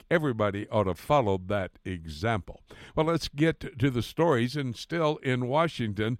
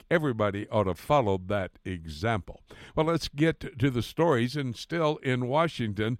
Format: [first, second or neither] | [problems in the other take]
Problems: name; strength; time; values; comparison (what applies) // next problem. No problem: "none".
neither | none